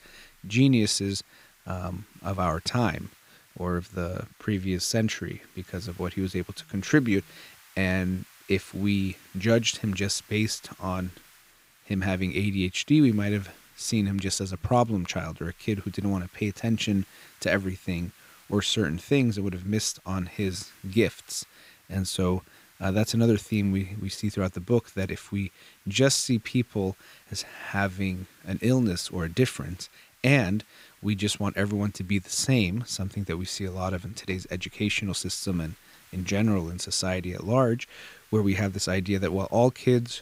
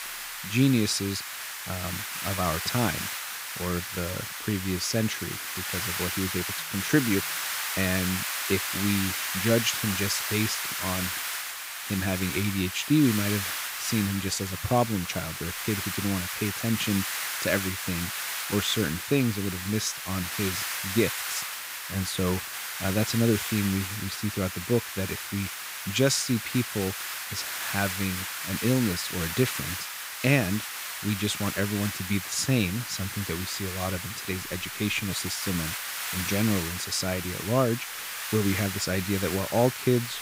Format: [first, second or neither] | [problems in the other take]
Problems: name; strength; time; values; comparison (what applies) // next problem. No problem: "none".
first | hiss; loud; throughout; 3 dB below the speech; faint in the first